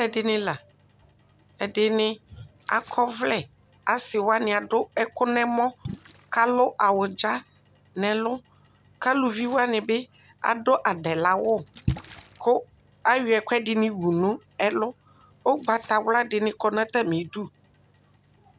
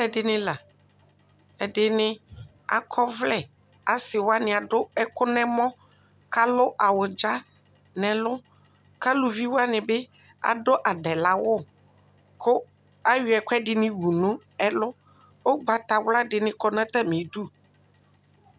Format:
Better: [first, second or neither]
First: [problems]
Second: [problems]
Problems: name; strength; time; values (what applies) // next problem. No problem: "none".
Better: second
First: background sound (Splash, splatter); 19 dB below the speech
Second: none